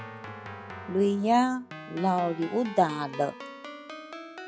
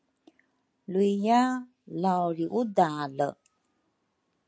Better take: second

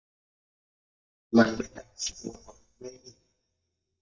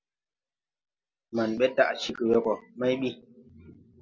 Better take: second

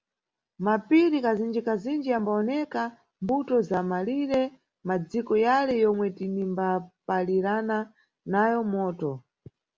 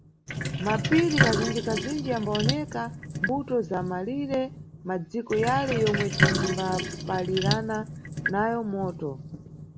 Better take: first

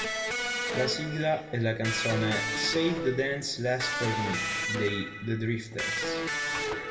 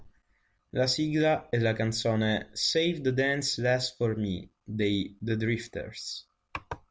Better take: second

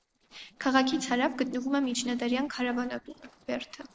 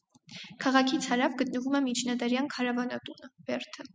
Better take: second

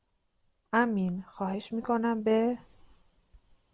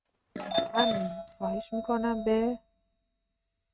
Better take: first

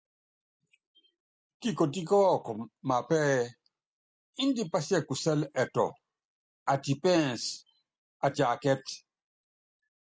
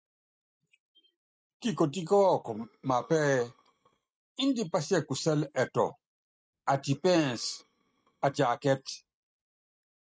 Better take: first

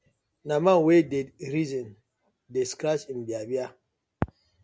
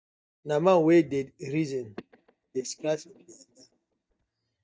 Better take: first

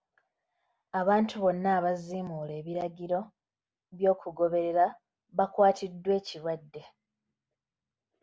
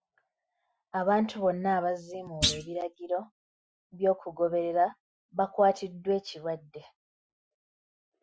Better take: first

